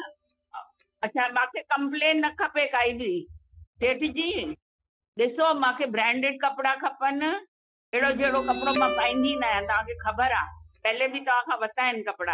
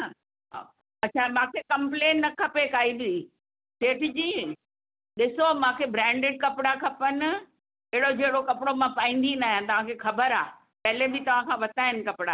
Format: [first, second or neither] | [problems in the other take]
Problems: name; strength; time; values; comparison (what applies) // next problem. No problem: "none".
second | noise reduction (classical method Wiener filter)